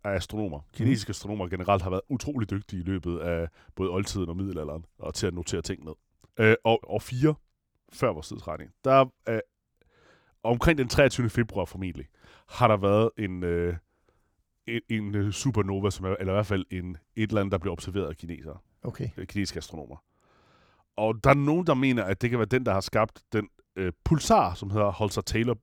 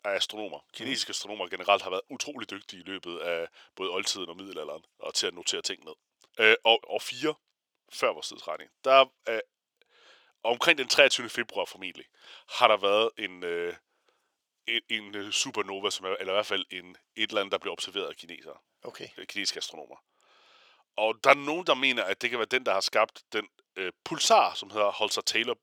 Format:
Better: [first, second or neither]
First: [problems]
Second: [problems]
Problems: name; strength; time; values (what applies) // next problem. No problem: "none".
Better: first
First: none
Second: thin; very; fading below 550 Hz